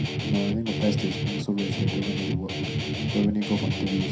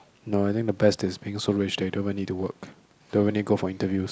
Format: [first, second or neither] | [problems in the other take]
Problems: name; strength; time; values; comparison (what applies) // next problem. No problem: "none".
second | background sound (Guitar); as loud as the speech // room echo; dies away in 0.3 s